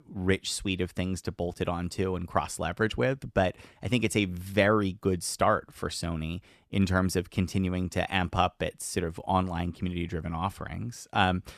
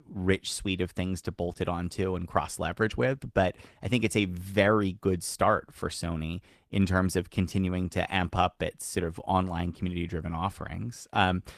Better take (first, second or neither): first